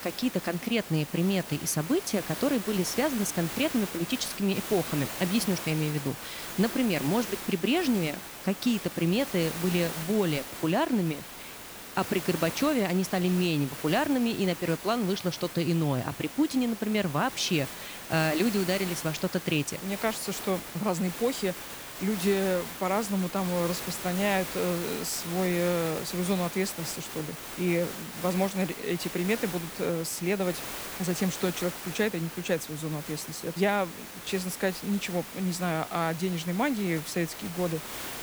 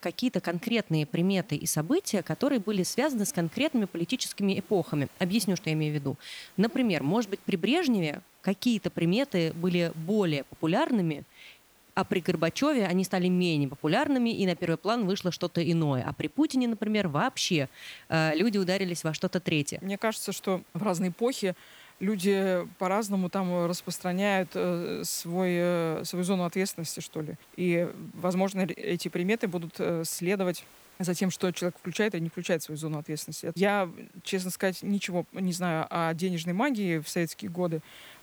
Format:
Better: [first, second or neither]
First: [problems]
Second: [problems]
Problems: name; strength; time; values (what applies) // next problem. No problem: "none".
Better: second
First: hiss; loud; throughout; 8 dB below the speech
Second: hiss; faint; throughout; 25 dB below the speech